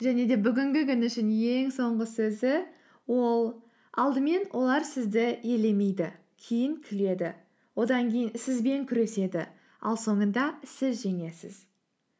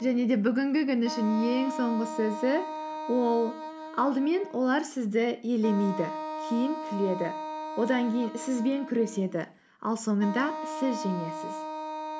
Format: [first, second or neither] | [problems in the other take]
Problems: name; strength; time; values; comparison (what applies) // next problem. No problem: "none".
first | background sound (Wind instrument, woodwind instrument); 9 dB below the speech